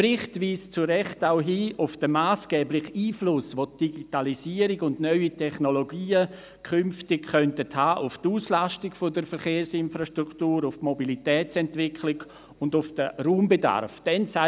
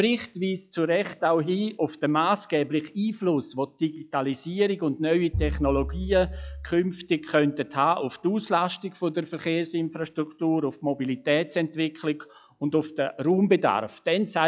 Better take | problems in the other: first | noise reduction (classical method log-MMSE)

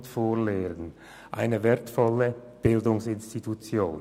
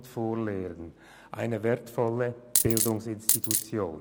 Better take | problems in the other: first | background sound (Coin (dropping)); 5 dB above the speech

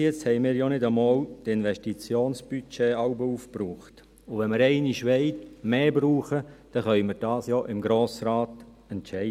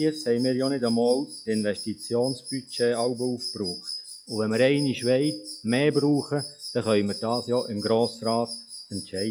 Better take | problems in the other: first | noise reduction (classical method log-MMSE)

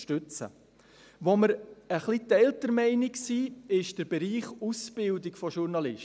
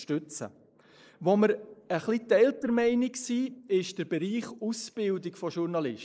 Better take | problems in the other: first | noise reduction (neural mask model Resemble Enhance denoiser)

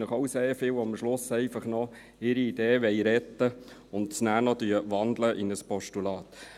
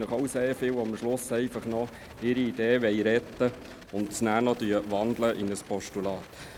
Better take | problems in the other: first | background sound (Rattle + Fire); 18 dB below the speech

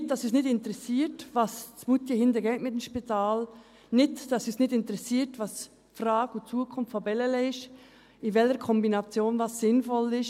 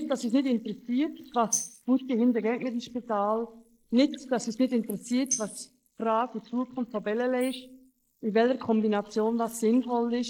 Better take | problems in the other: first | noise reduction (neural mask model Resemble Enhance denoiser)

